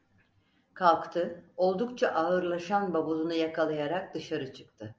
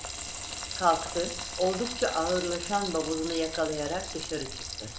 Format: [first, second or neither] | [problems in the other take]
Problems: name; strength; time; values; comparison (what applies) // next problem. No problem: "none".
first | background sound (Frying (food)); 6 dB below the speech